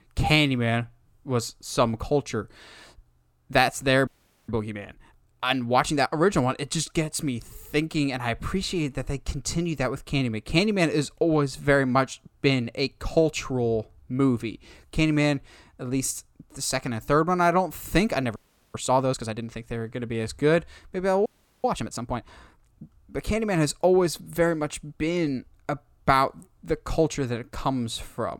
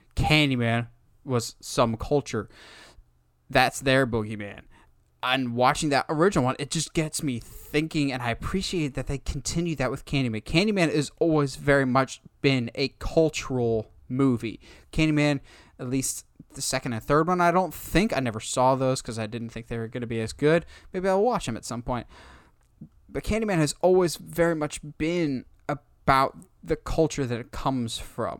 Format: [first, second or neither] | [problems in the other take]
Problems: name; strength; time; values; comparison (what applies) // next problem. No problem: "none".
second | audio freezing; at 4 s, at 18 s and at 21 s